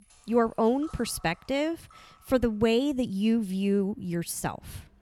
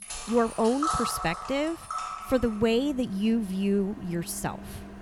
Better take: first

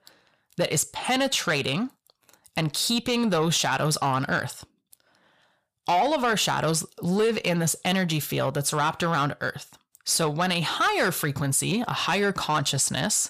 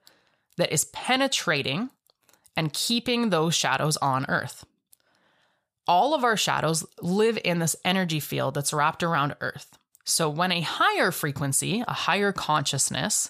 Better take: second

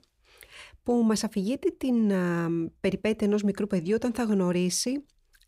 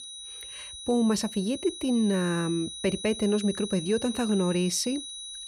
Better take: first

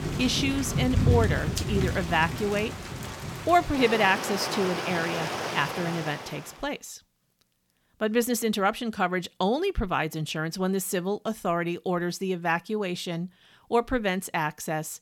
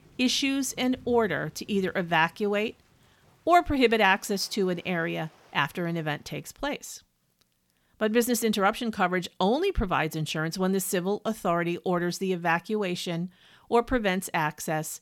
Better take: second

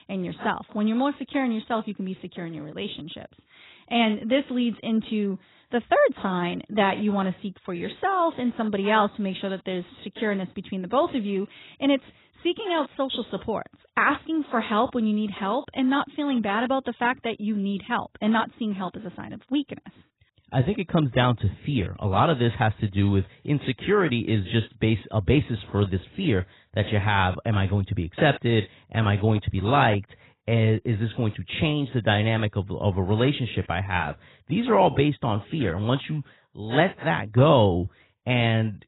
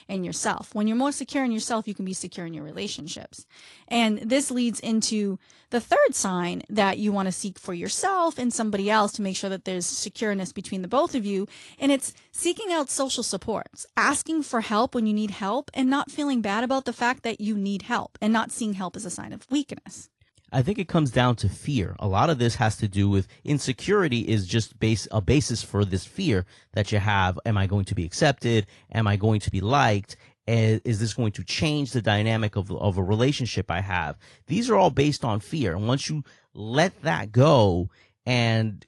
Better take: second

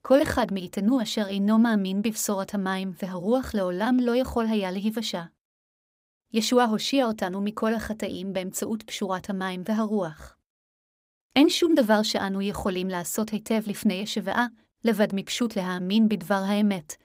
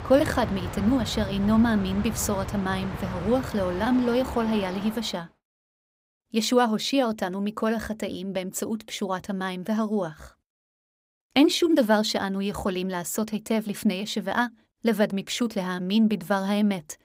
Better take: first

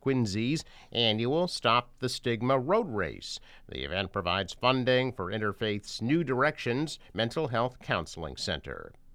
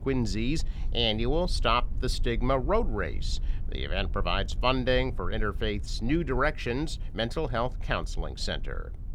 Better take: first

